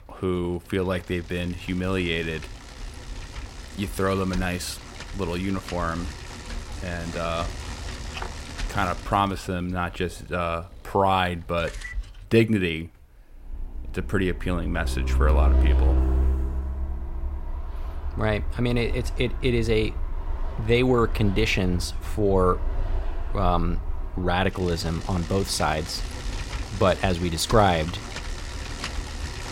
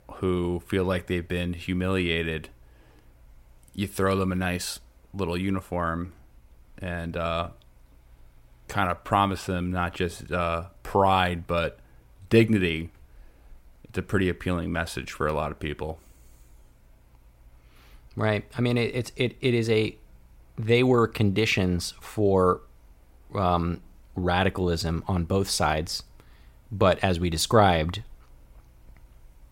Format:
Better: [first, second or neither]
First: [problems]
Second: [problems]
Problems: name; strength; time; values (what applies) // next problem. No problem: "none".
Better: second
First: traffic noise; loud; throughout; 6 dB below the speech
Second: none